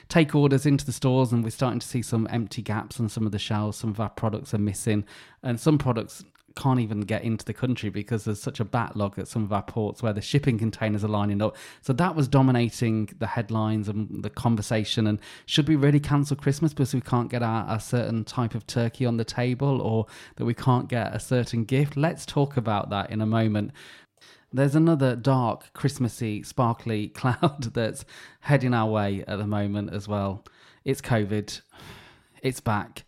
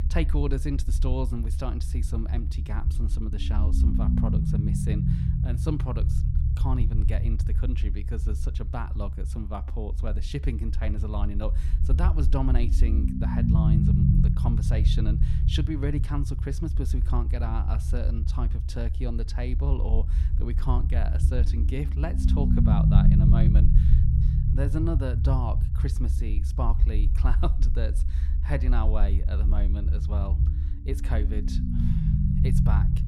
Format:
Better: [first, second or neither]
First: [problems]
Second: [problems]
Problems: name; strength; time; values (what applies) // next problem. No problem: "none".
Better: first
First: none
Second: low rumble; loud; throughout; 2 dB below the speech